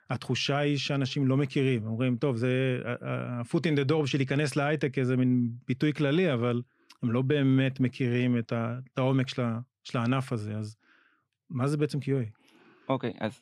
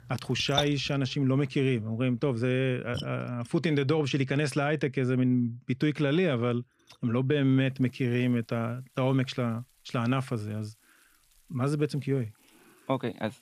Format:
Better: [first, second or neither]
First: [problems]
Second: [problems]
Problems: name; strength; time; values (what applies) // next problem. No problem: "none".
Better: first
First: none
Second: rain or running water; loud; throughout; 7 dB below the speech